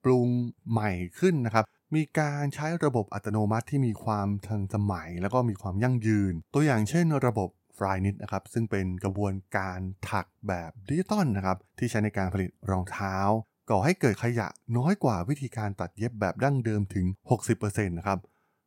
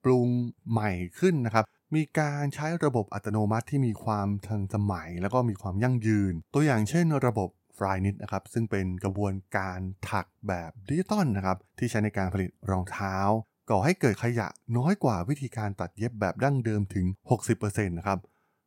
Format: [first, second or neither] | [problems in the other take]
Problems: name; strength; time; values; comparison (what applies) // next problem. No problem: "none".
neither | none